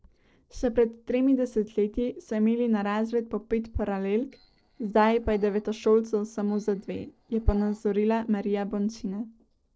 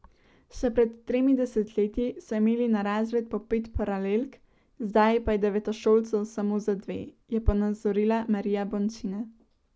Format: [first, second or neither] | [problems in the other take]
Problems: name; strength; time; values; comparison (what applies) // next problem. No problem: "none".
second | noise reduction (neural separator model SepFormer DNS4)